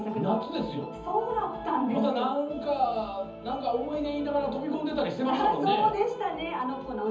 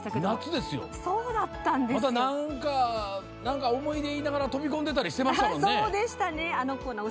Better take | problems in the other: second | room echo; dies away in 0.7 s

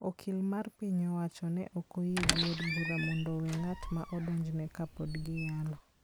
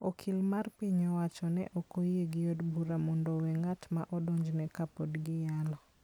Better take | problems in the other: second | background sound (Squeak); 4 dB below the speech

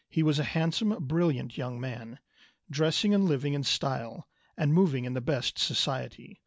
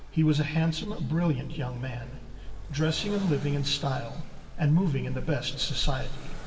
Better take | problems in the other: first | background sound (Accelerating, revving, vroom); 6 dB below the speech // room echo; dies away in 1.9 s

